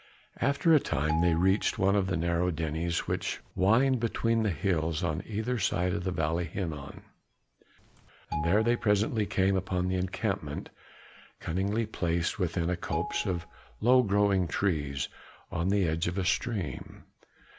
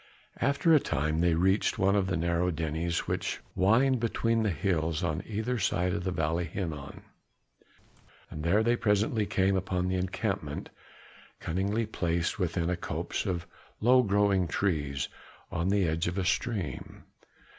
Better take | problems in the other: second | background sound (Marimba, xylophone); 13 dB below the speech

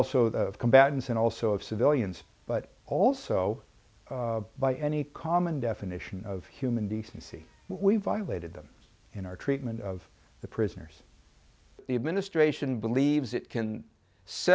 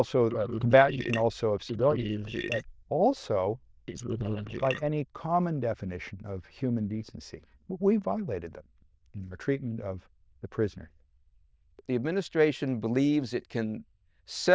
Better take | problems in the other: first | noise reduction (neural diffusion model UNIVERSE++)

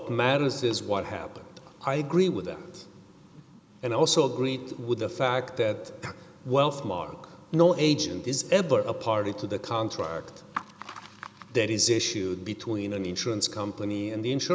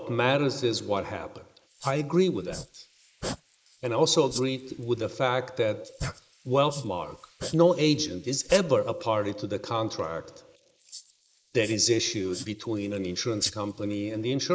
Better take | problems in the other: first | noise reduction (neural mask model Resemble Enhance denoiser)

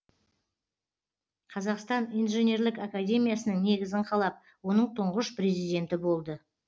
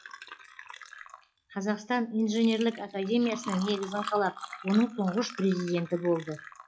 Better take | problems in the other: first | noise reduction (classical method log-MMSE)

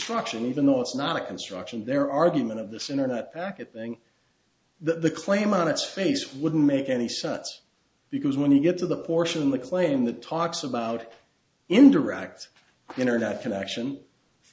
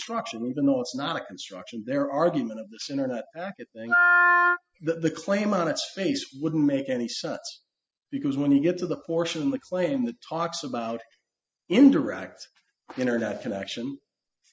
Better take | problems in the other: first | noise reduction (classical method spectral subtraction)

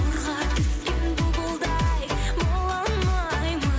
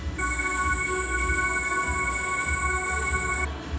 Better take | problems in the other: first | background sound (Organ); 5 dB above the speech // room echo; dies away in 2.1 s

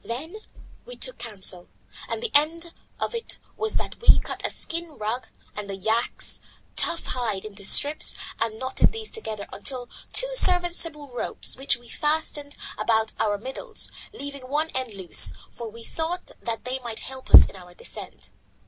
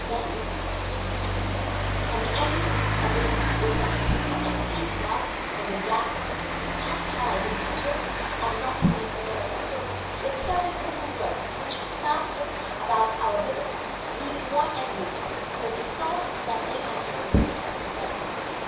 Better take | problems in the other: first | background sound (Rain); 2 dB above the speech // room echo; dies away in 0.7 s

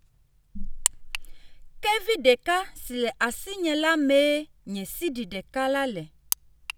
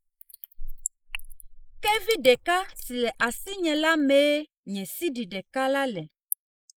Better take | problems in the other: first | noise reduction (neural mask model Resemble Enhance denoiser)

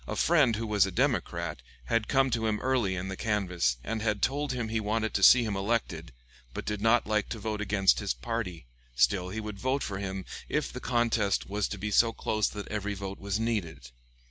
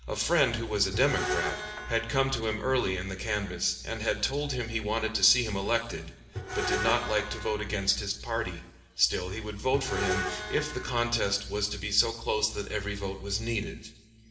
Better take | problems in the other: first | background sound (Screech); 7 dB below the speech // room echo; dies away in 2.1 s

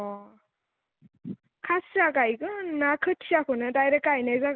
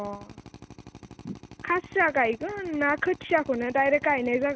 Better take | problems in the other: first | background sound (Drill); 19 dB below the speech

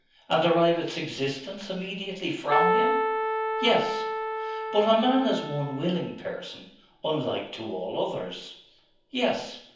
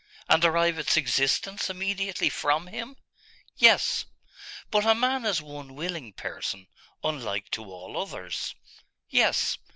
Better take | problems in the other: second | background sound (Keyboard (musical)); as loud as the speech // room echo; dies away in 0.7 s

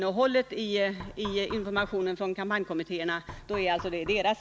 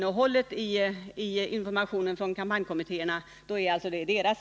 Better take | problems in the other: second | background sound (Knock); 14 dB below the speech

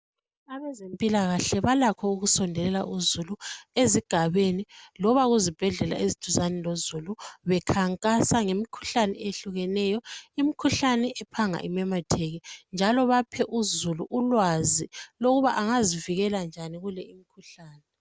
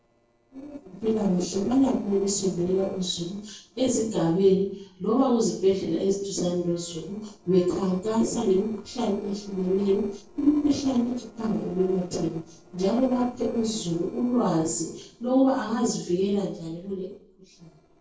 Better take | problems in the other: first | noise reduction (neural separator model SepFormer DNS4)

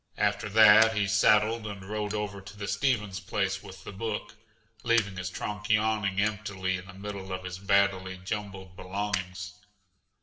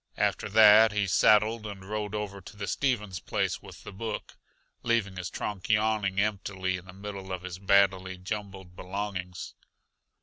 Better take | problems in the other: second | background sound (Fire); 16 dB below the speech // room echo; dies away in 0.6 s

